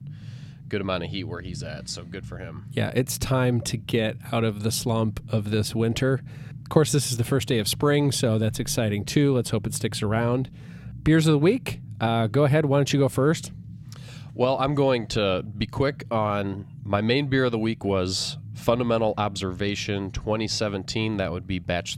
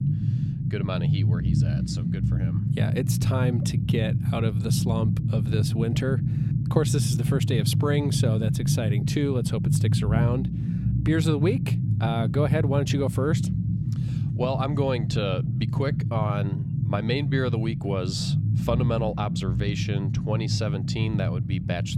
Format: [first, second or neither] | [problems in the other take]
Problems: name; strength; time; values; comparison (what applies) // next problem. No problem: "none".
first | low rumble; loud; throughout; 6 dB below the speech; faint in the first